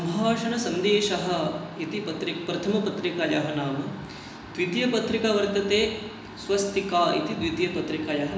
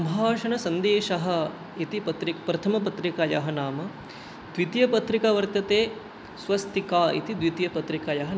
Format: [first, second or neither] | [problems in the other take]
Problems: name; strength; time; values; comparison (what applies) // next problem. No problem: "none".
second | room echo; dies away in 1 s